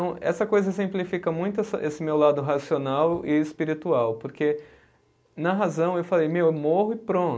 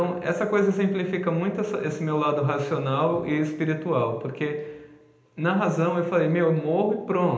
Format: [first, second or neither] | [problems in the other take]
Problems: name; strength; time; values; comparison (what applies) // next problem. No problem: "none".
first | room echo; dies away in 0.9 s